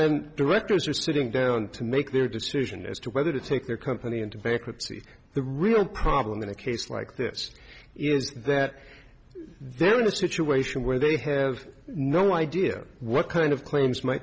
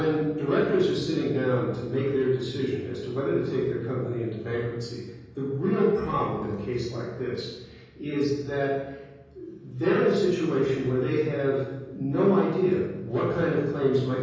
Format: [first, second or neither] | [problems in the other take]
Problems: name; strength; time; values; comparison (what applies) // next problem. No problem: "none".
first | room echo; dies away in 1.3 s